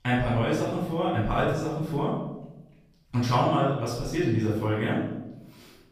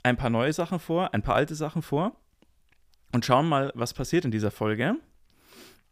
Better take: second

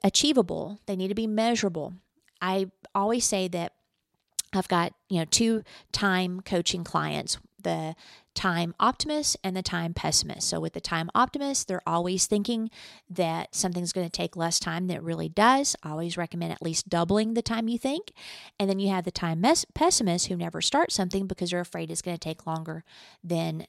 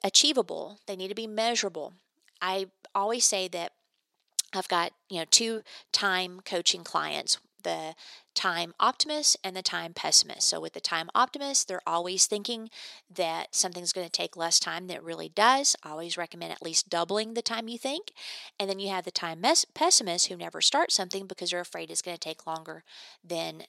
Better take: first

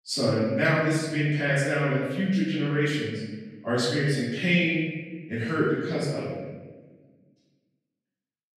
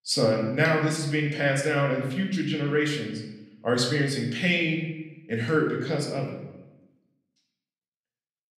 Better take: second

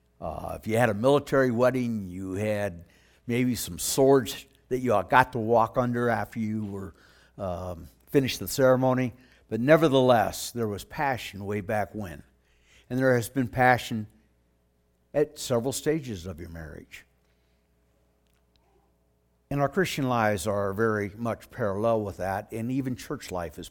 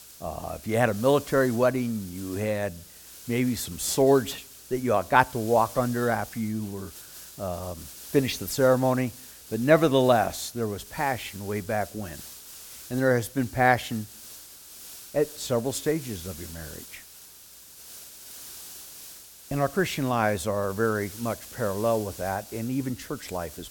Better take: first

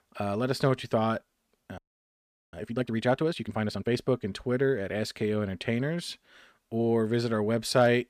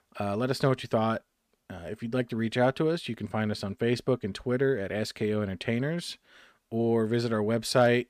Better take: second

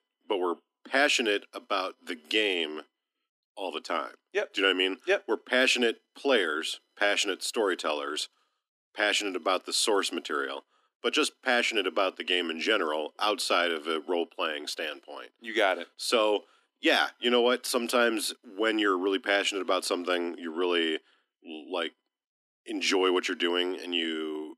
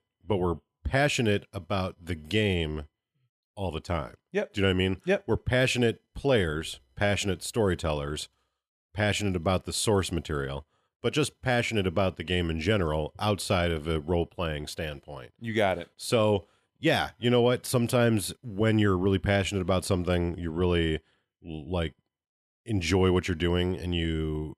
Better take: second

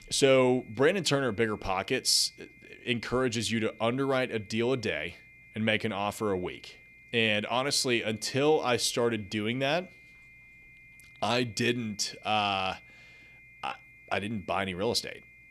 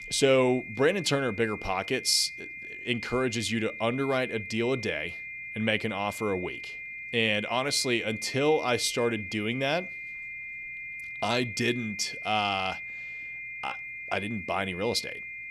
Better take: first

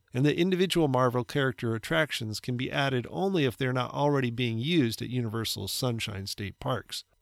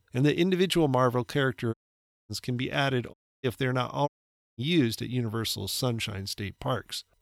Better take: first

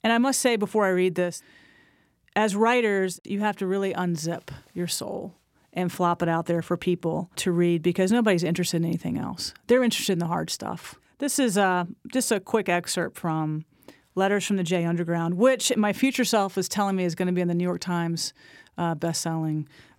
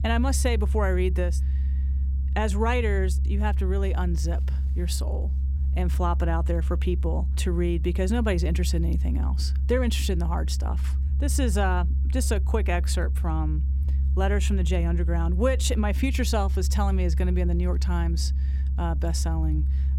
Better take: first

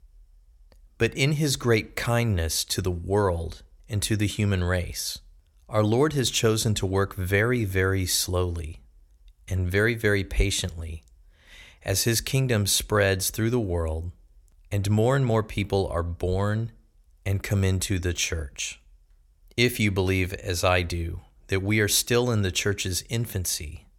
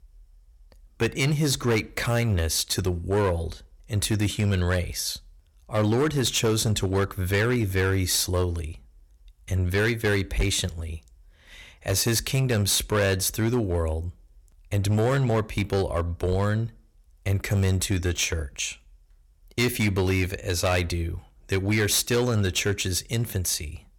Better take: first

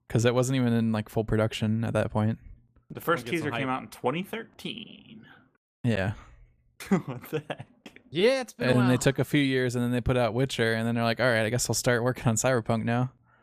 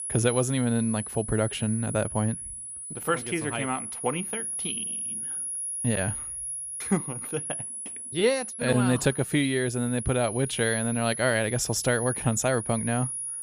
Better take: first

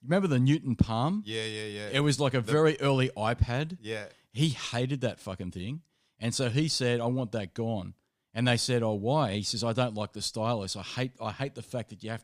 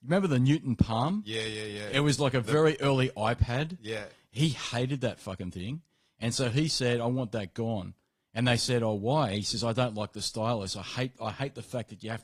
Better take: first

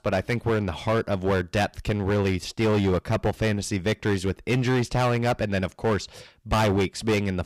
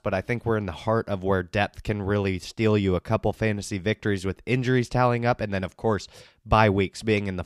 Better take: second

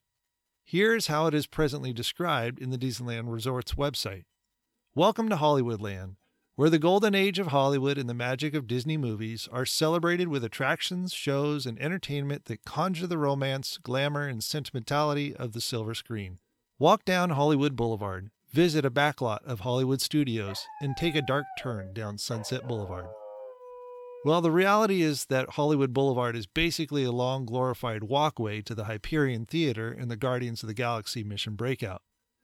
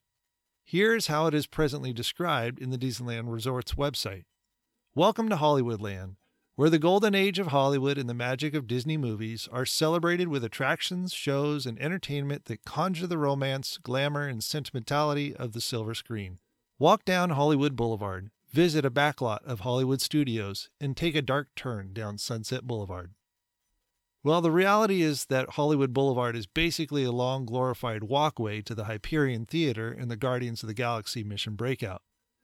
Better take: second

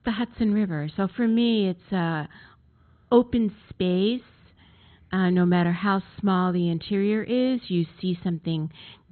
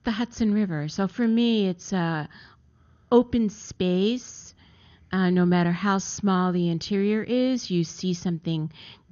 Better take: second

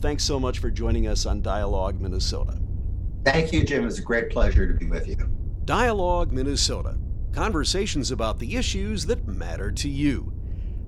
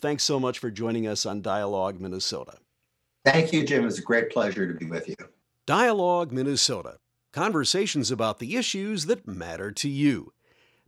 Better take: second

